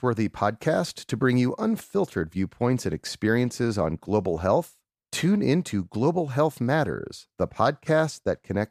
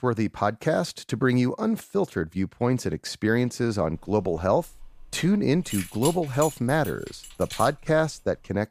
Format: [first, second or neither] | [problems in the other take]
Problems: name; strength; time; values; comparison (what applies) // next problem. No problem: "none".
first | jangling keys; noticeable; from 4 to 8 s; peak 7 dB below the speech